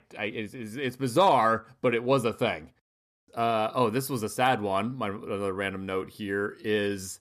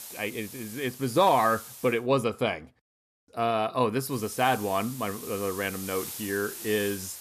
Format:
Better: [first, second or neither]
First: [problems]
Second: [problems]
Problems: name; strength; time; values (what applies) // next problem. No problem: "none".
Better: first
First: none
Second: hiss; noticeable; until 2 s and from 4 s on; 10 dB below the speech